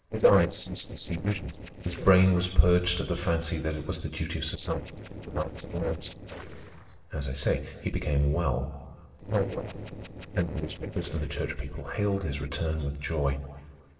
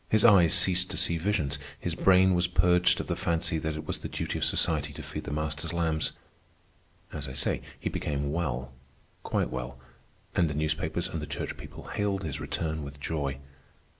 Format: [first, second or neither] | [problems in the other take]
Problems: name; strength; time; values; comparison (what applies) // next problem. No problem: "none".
second | noise reduction (neural separator model SepFormer DNS4)